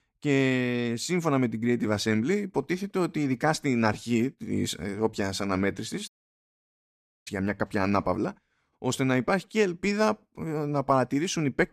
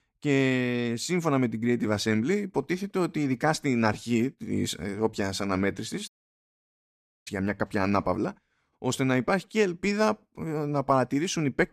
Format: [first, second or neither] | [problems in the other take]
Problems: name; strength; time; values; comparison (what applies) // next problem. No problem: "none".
neither | audio cutting out; at 6 s for 1 s; the same in both